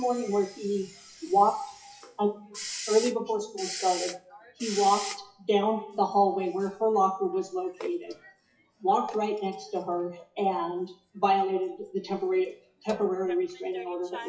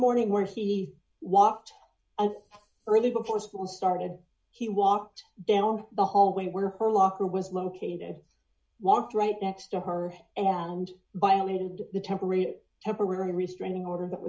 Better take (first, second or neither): second